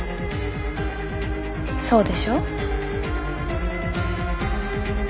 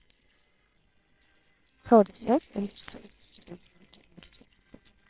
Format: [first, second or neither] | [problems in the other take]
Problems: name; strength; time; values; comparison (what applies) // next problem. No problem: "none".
first | noise reduction (neural separator model SepFormer WHAMR!)